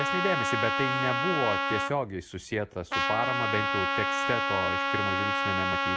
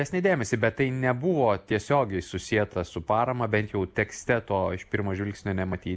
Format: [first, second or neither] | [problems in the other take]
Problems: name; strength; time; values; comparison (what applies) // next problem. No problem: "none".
second | background sound (Trumpet); 3 dB above the speech